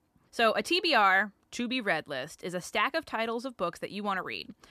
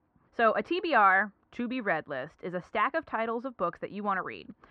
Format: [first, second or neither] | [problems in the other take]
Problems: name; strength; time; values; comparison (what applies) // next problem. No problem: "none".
first | muffled; very; fading above 1.5 kHz